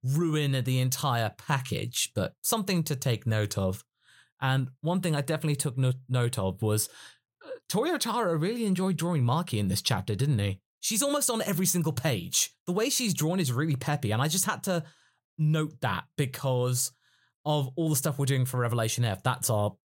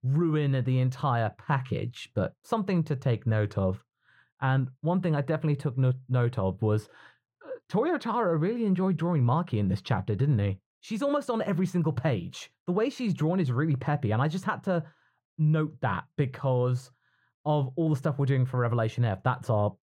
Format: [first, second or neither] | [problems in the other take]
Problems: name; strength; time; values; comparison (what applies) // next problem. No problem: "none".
first | muffled; very; fading above 4 kHz